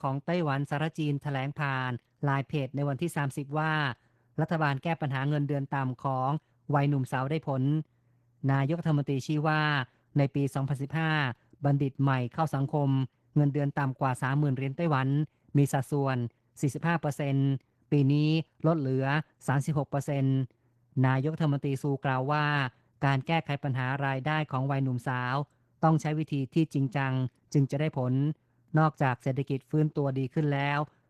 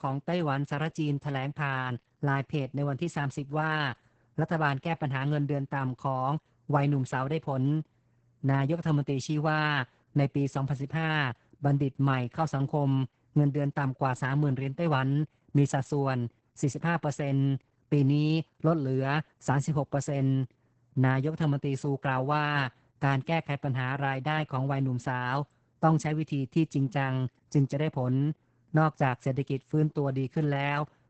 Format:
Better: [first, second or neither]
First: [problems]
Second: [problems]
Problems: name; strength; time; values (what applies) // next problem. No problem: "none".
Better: first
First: garbled, watery; slightly; nothing above 13.5 kHz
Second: garbled, watery; badly; nothing above 8 kHz